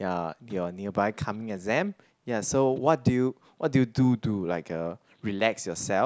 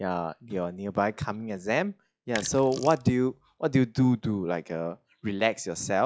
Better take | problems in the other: first | noise reduction (classical method log-MMSE)

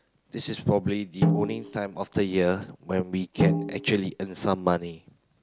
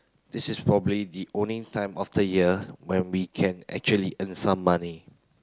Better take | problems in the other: second | background sound (Snare drum); as loud as the speech

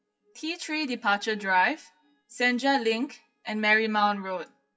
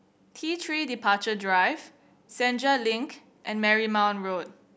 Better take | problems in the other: second | noise reduction (classical method WPE with log-MMSE)

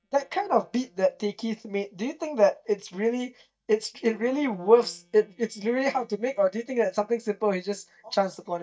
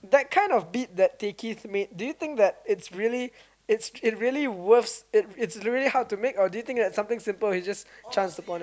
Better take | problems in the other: second | noise reduction (neural mask model DeepFilterNet 3)

